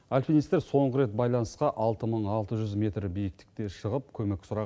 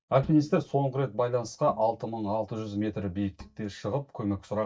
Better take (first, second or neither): first